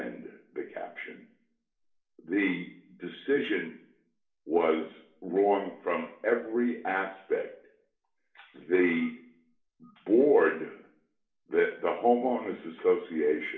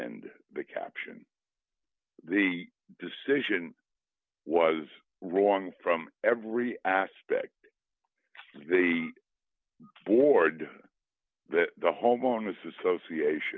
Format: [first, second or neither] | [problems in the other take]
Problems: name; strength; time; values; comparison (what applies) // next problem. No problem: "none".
second | room echo; dies away in 0.5 s